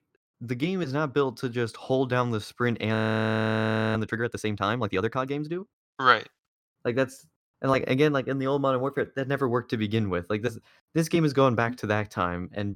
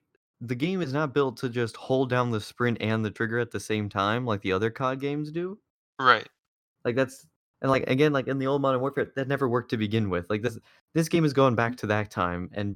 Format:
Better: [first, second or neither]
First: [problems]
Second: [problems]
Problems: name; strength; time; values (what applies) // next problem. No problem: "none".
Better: second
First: audio freezing; at 3 s for 1 s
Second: none